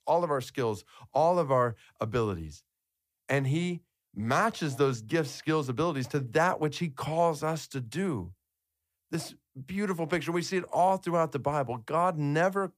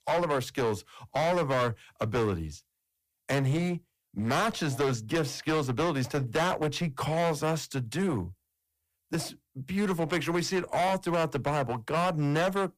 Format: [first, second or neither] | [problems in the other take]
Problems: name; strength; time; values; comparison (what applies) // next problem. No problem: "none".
first | distortion; heavy; 16% of the sound clipped